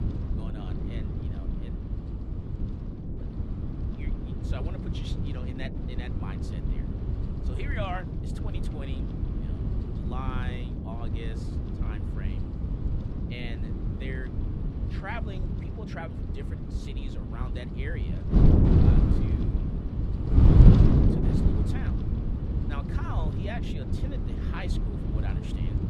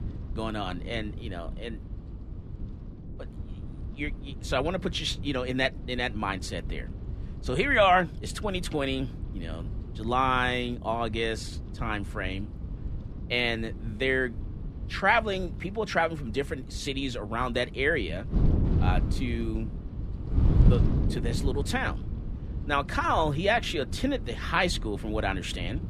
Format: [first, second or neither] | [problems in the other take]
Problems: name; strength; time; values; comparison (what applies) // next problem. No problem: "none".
second | wind noise on the microphone; heavy; 3 dB above the speech; occasional gusts in the second